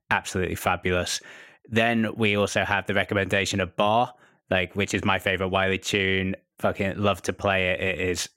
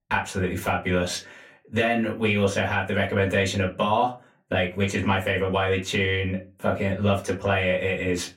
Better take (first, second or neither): first